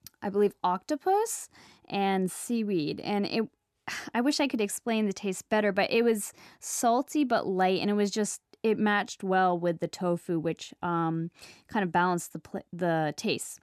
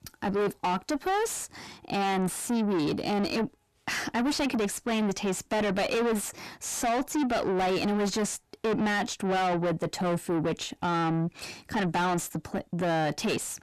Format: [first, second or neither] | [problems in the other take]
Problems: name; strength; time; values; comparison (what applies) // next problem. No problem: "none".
first | distortion; heavy; 6 dB below the speech